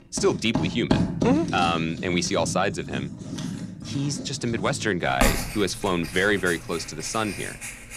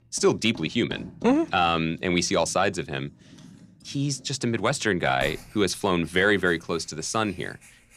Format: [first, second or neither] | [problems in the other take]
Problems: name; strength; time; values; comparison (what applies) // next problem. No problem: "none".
second | household noises; loud; throughout; 5 dB below the speech; faint in the second